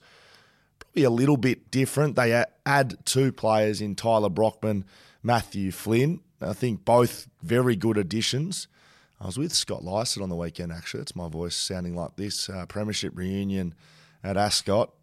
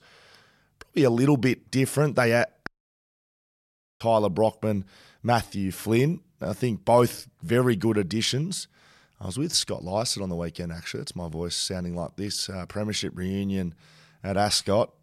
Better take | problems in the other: first | audio cutting out; at 2.5 s for 1.5 s

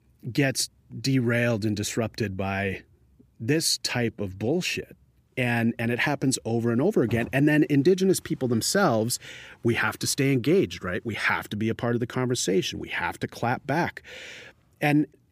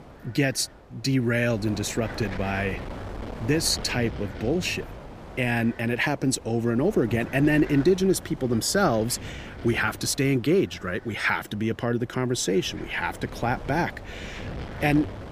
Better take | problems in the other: first | wind noise on the microphone; occasional gusts; 15 dB below the speech

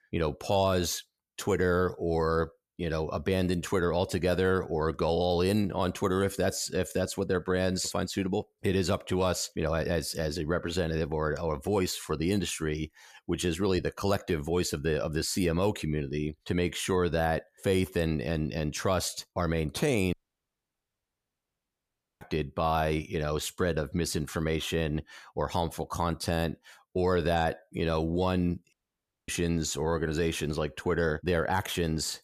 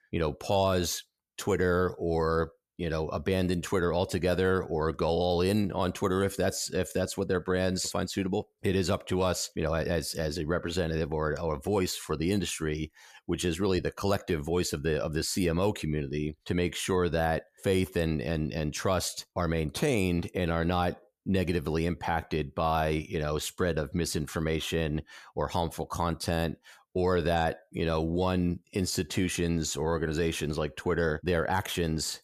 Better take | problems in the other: second | audio cutting out; at 20 s for 2 s and at 29 s for 0.5 s

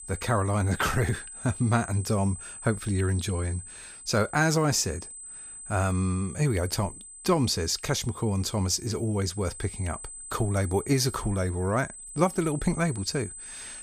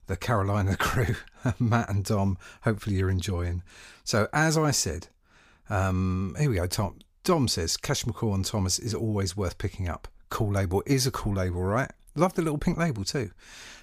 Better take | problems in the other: second | high-pitched whine; noticeable; throughout; 8 kHz, 10 dB below the speech

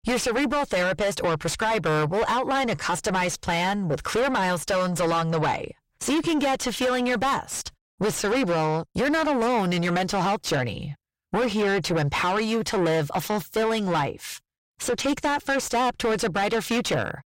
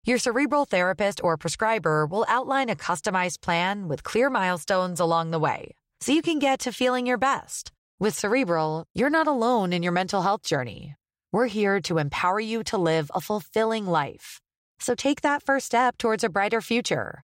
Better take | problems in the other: second | distortion; heavy; 5 dB below the speech

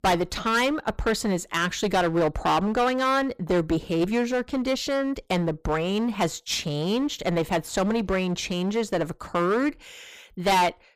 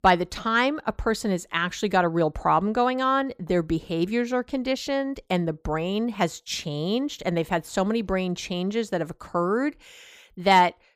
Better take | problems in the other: second | distortion; heavy; 14% of the sound clipped

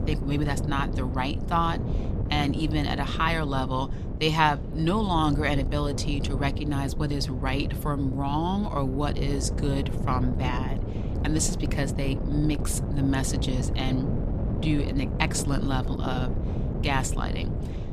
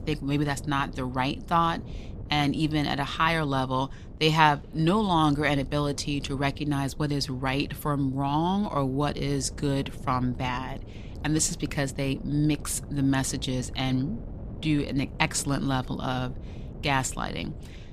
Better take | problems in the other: second | wind noise on the microphone; heavy; 10 dB below the speech; occasional gusts in the second

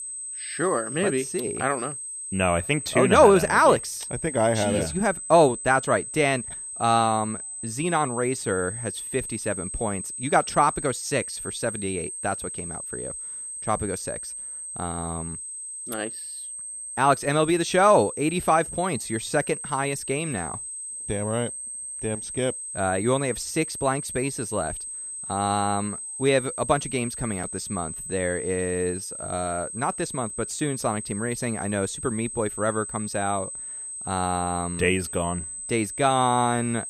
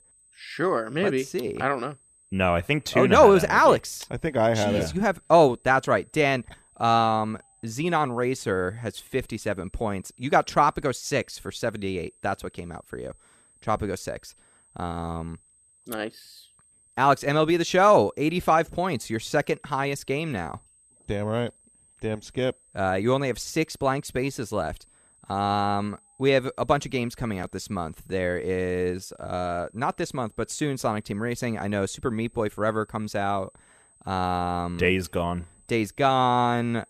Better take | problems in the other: second | high-pitched whine; loud; throughout; 8.5 kHz, 7 dB below the speech; faint in the second

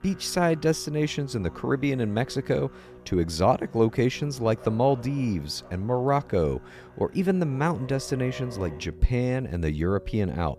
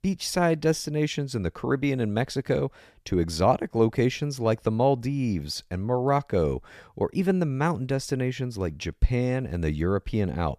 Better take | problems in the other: second | background music; noticeable; throughout; 20 dB below the speech

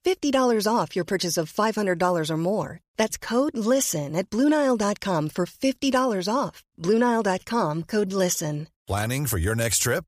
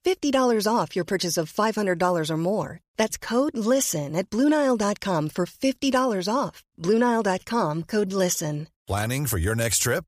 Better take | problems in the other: neither | none

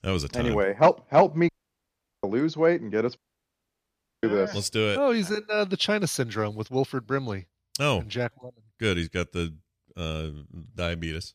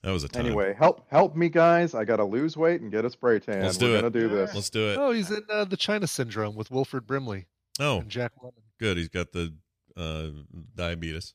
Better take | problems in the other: second | audio cutting out; at 1.5 s for 0.5 s and at 3 s for 1 s

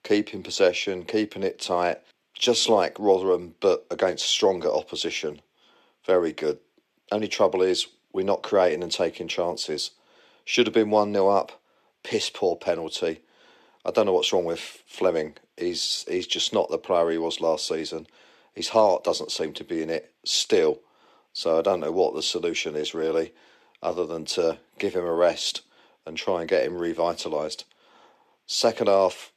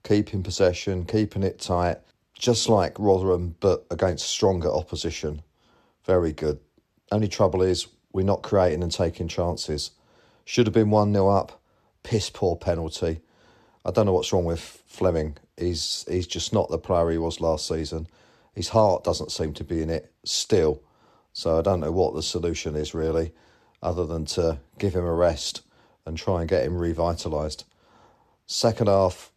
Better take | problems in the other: second | thin; somewhat; fading below 350 Hz

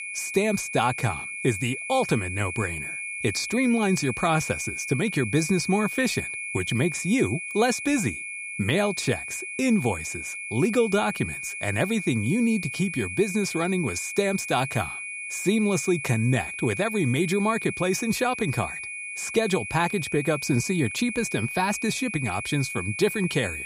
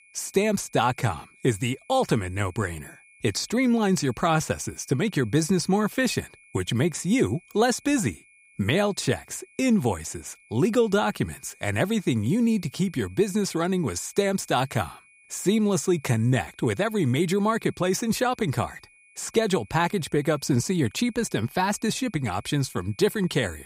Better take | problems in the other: second | high-pitched whine; loud; throughout; 2.5 kHz, 6 dB below the speech; faint in the second

